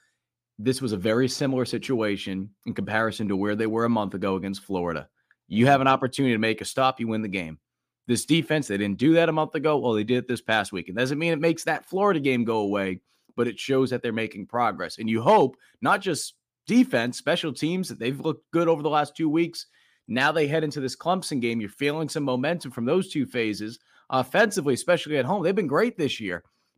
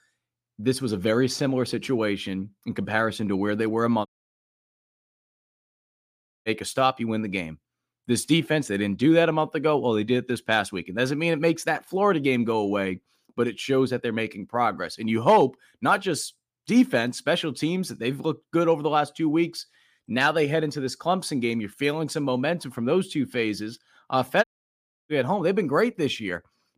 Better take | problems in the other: first | audio cutting out; at 4 s for 2.5 s and at 24 s for 0.5 s

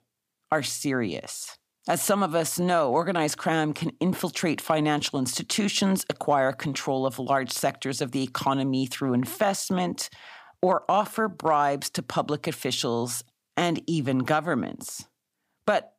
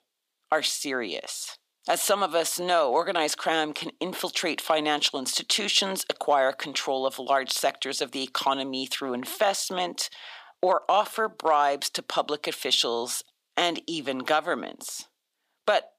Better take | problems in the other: first | thin; somewhat; fading below 450 Hz

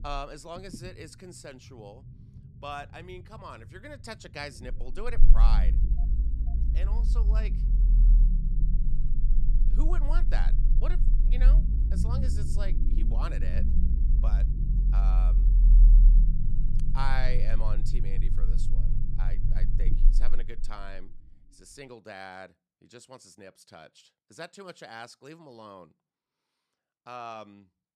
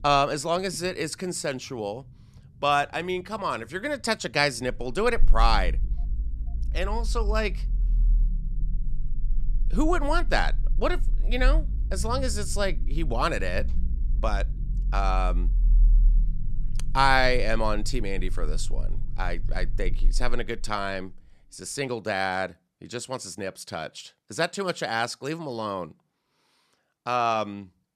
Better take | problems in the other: second | low rumble; loud; until 22 s; 7 dB below the speech; faint in the second

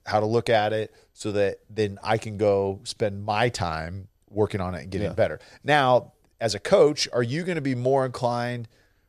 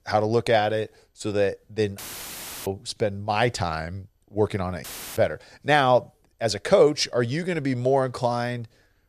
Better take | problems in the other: first | audio cutting out; filled with static; at 2 s for 0.5 s and at 5 s

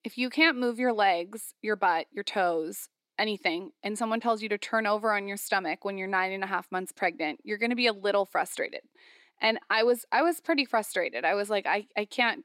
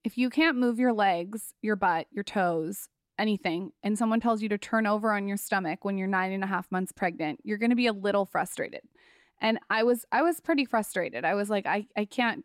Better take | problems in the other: second | thin; very slightly; fading below 400 Hz

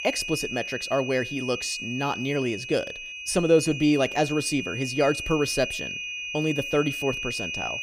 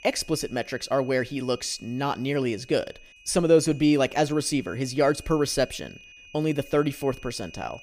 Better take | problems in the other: second | high-pitched whine; loud; throughout; 2.5 kHz, 6 dB below the speech; faint in the second

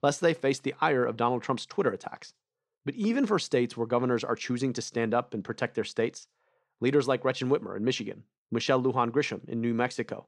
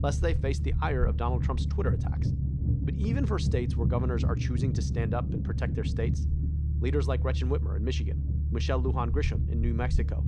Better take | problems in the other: first | low rumble; loud; throughout; 7 dB below the speech

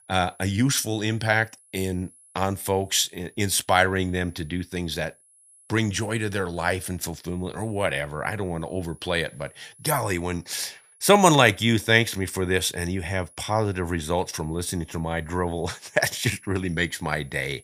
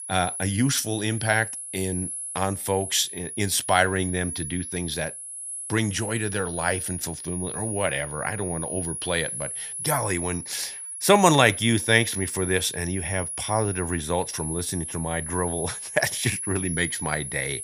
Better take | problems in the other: first | high-pitched whine; loud; throughout; 10.5 kHz, 6 dB below the speech; faint in the first

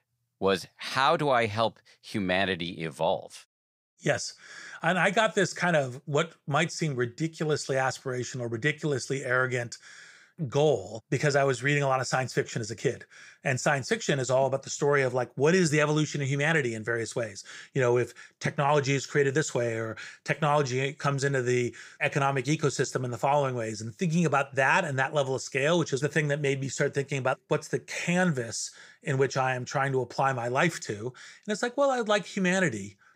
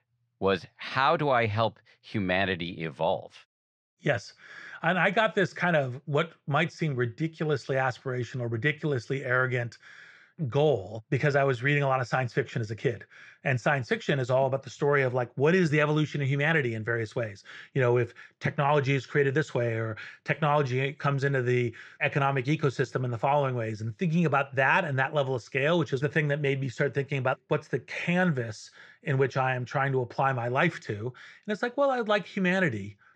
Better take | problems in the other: first | muffled; slightly; fading above 3 kHz

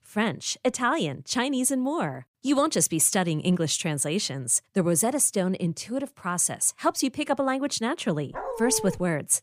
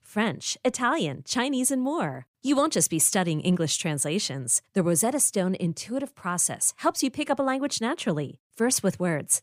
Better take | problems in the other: second | dog barking; noticeable; at 8.5 s; peak 7 dB below the speech

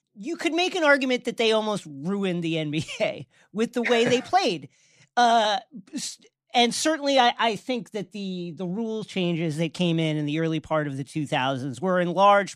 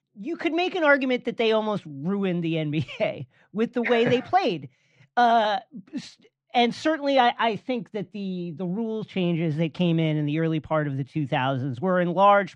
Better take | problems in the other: first | muffled; slightly; fading above 3 kHz

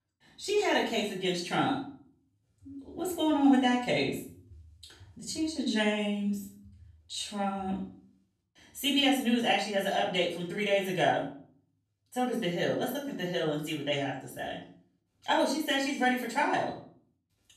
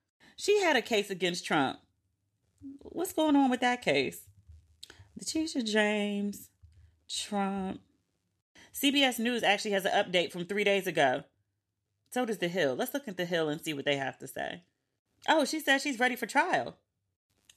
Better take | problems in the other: second | off-mic speech; far // room echo; noticeable; dies away in 0.4 s

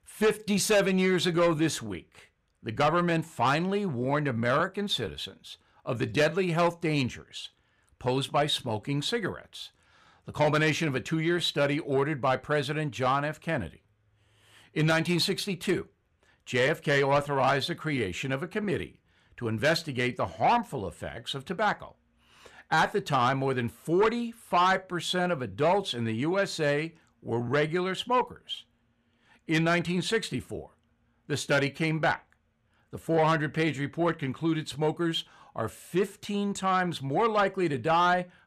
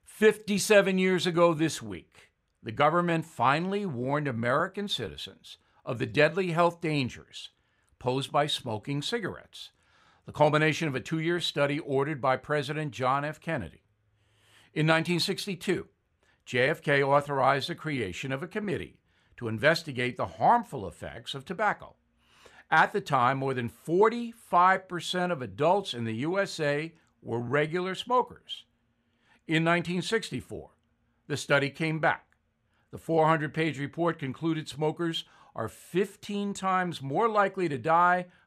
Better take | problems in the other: second | distortion; slight; 10 dB below the speech

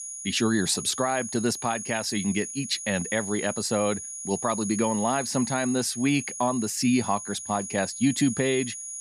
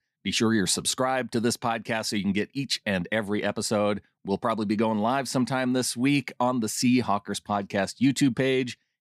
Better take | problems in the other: second | high-pitched whine; loud; throughout; 6.5 kHz, 7 dB below the speech

